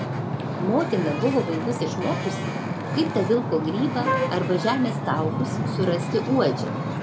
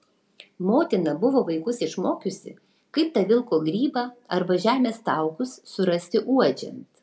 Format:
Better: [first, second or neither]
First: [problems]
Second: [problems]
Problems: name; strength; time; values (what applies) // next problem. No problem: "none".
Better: second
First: background sound (Wind instrument, woodwind instrument + Wind / Ocean); 1 dB below the speech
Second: none